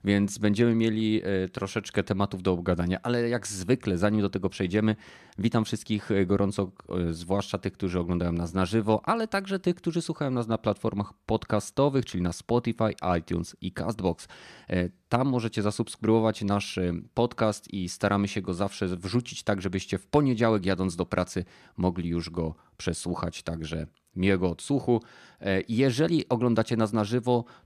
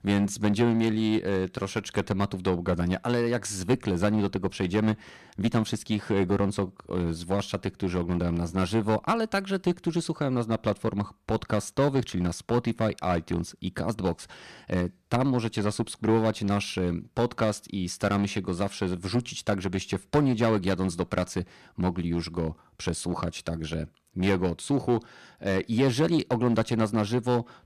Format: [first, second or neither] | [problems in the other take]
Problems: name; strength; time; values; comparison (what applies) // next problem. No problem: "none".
first | distortion; slight; 4% of the sound clipped